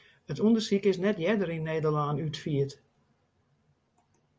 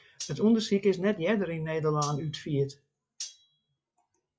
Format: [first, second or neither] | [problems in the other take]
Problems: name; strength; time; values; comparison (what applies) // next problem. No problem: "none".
first | noise reduction (classical method log-MMSE)